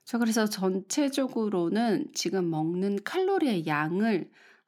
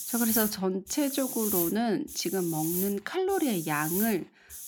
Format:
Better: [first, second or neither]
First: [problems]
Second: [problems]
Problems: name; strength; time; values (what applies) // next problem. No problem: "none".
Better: first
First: none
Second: hiss; loud; throughout; 2 dB below the speech